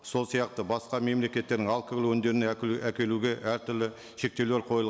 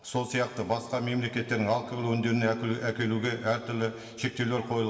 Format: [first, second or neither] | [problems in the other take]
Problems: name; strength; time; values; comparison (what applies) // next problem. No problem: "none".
first | room echo; dies away in 1.9 s